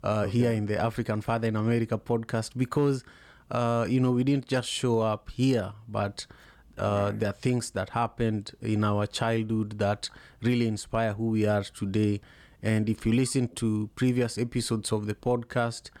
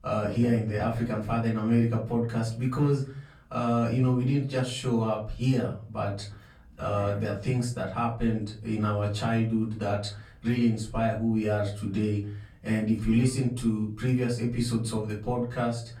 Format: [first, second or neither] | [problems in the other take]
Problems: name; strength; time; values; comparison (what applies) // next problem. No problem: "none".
first | off-mic speech; far // room echo; slight; dies away in 0.4 s